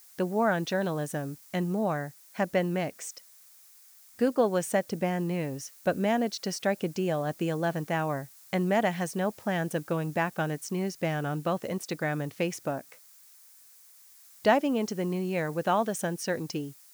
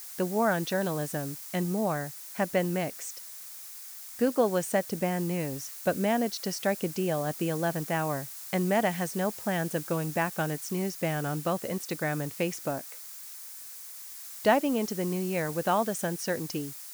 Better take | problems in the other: first | hiss; loud; throughout; 10 dB below the speech; faint in the first

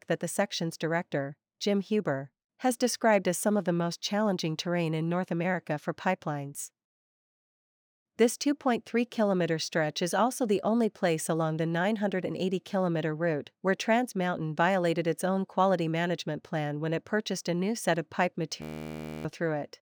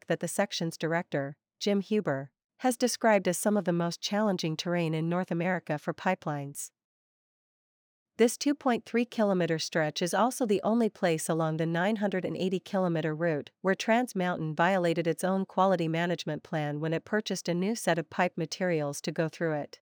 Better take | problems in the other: second | audio freezing; at 19 s for 0.5 s

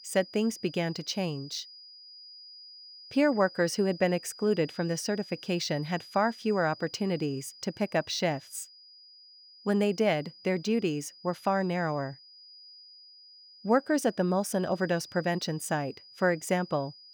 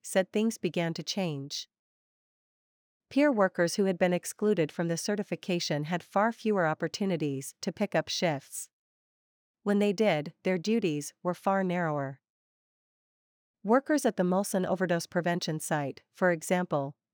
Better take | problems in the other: second | high-pitched whine; noticeable; throughout; 5 kHz, 20 dB below the speech

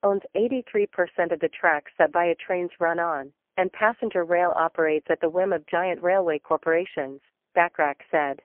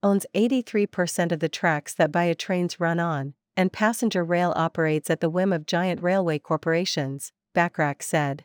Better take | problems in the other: second | phone-call audio; poor line; nothing above 3 kHz

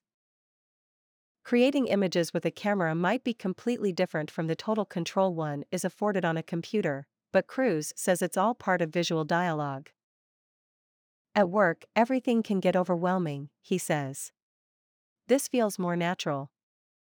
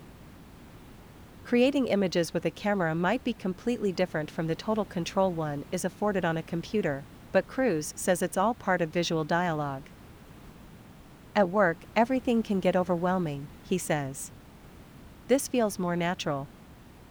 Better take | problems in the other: first | hiss; faint; throughout; 20 dB below the speech

